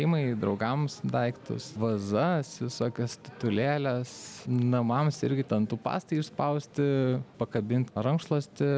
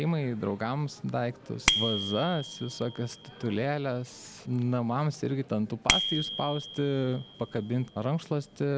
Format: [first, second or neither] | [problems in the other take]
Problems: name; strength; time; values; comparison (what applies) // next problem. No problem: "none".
first | background sound (Bicycle bell); 5 dB below the speech